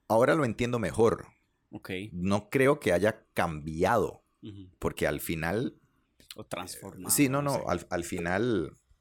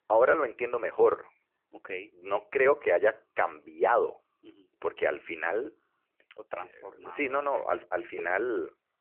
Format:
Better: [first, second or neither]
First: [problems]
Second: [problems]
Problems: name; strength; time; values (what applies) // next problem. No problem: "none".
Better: first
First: none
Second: phone-call audio